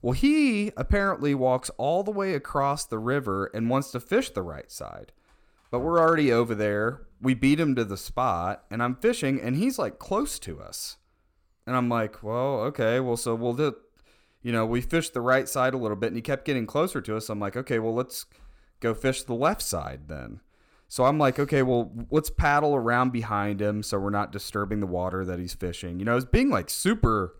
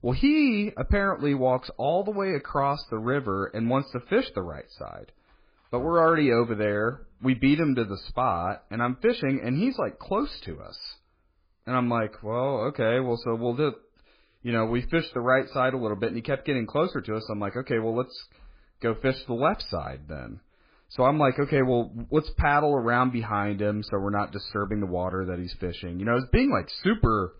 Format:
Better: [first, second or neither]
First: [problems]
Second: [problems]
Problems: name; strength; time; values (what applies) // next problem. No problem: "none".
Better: first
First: none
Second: garbled, watery; badly